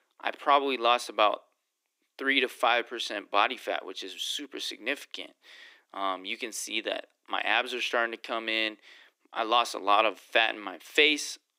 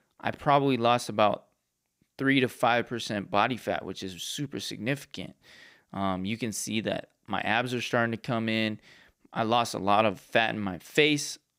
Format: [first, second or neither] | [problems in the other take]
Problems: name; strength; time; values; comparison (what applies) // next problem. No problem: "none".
second | thin; somewhat; fading below 300 Hz